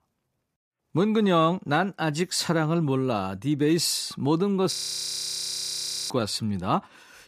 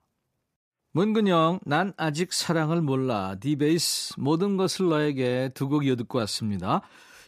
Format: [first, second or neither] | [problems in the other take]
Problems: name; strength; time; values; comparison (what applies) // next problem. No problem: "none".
second | audio freezing; at 4.5 s for 1.5 s